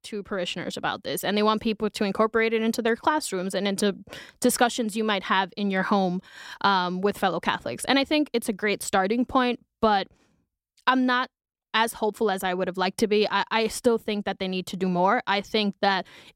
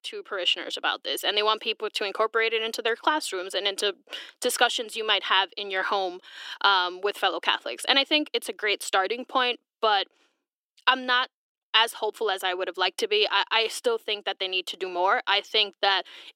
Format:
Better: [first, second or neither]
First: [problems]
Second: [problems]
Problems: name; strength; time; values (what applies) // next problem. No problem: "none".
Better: first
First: none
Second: thin; very; fading below 300 Hz